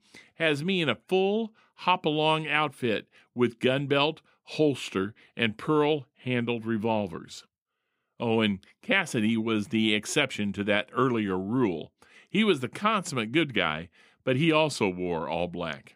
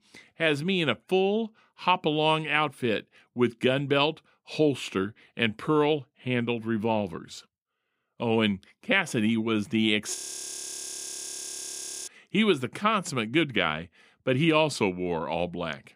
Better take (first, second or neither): first